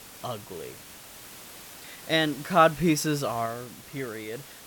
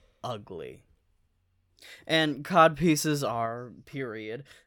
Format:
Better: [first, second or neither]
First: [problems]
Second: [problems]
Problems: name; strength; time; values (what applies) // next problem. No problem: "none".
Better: second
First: hiss; noticeable; throughout; 20 dB below the speech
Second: none